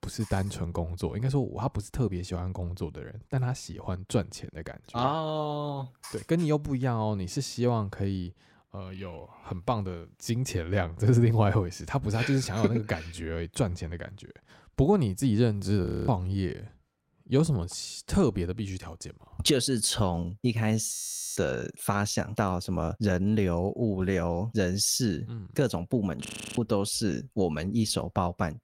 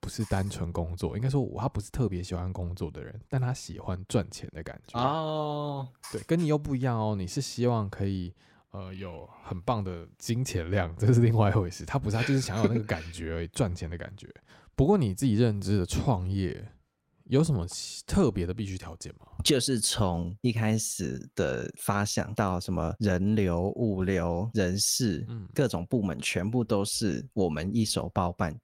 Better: second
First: audio freezing; at 16 s, at 21 s and at 26 s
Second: none

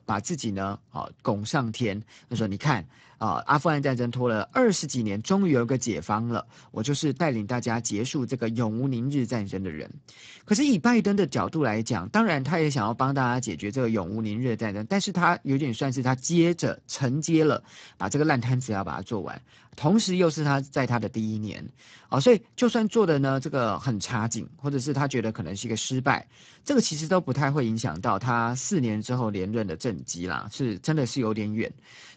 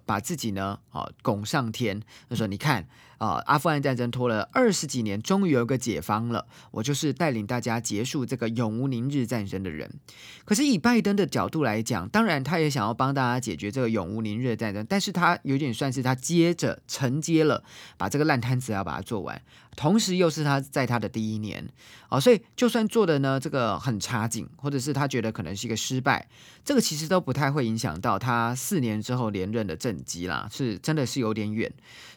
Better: second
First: garbled, watery; badly; nothing above 7.5 kHz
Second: none

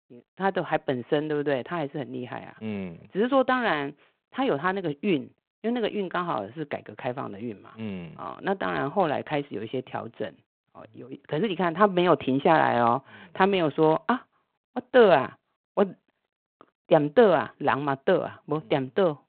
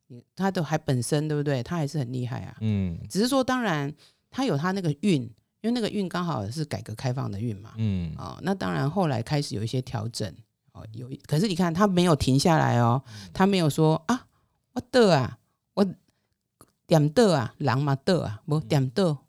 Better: second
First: phone-call audio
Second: none

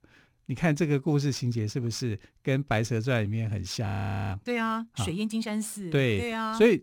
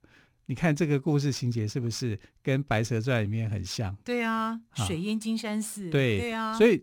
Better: second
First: audio freezing; at 4 s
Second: none

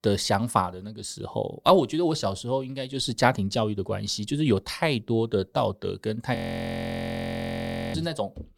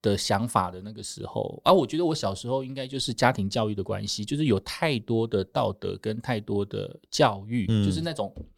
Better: second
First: audio freezing; at 6.5 s for 1.5 s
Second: none

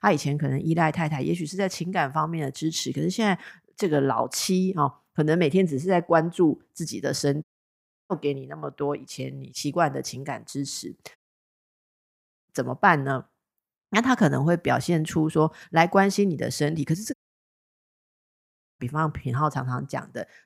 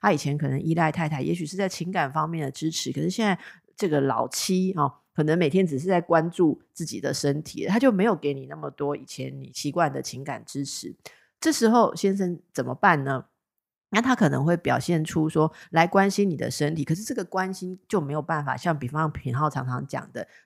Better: second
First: audio cutting out; at 7.5 s for 0.5 s, at 11 s for 1.5 s and at 17 s for 1.5 s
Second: none

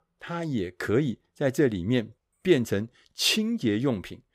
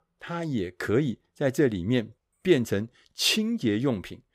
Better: neither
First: none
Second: none

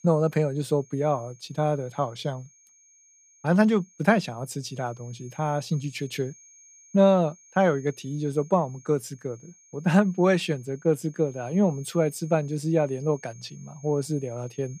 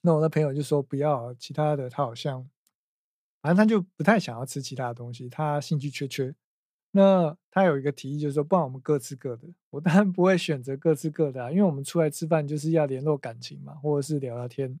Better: second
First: high-pitched whine; faint; throughout; 6.5 kHz, 25 dB below the speech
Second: none

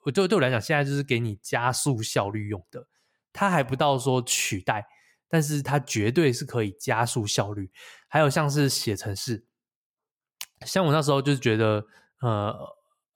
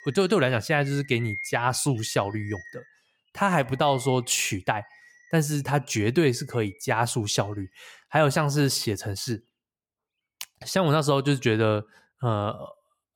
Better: first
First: none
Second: animal sounds; noticeable; throughout; 20 dB below the speech

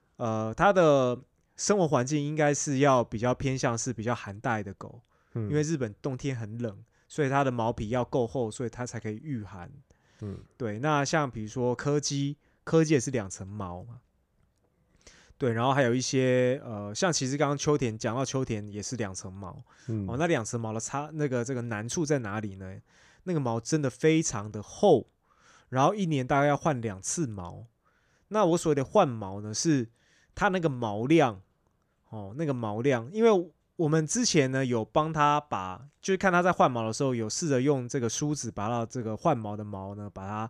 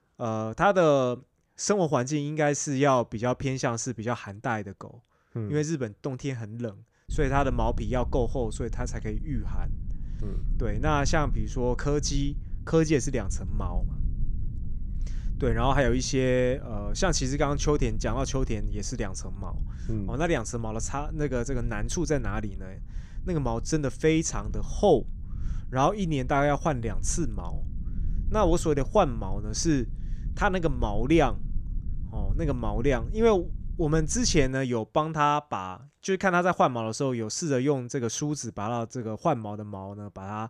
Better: first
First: none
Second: low rumble; faint; from 7 to 34 s; 25 dB below the speech

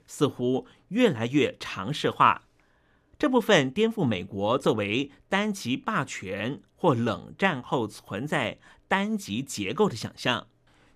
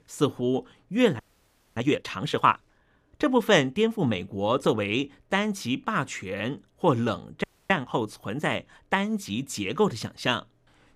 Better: first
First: none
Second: audio freezing; at 1 s for 0.5 s and at 7.5 s

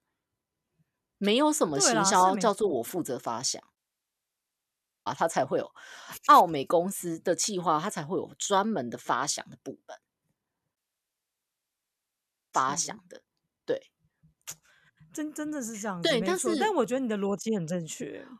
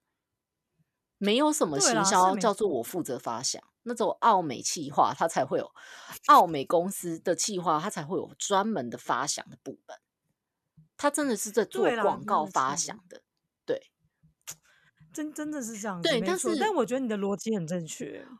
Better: second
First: audio cutting out; at 4 s for 1.5 s and at 11 s for 2 s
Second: none

